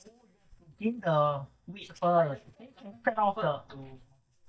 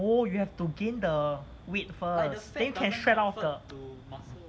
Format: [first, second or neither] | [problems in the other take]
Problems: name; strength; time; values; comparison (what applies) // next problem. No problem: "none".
second | noise reduction (neural mask model DeepFilterNet 3)